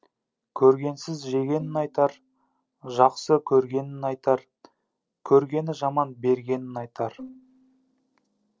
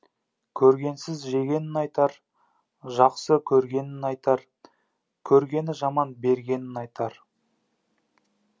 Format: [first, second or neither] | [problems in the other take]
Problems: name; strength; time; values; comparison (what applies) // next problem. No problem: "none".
second | noise reduction (neural separator model SepFormer DNS4)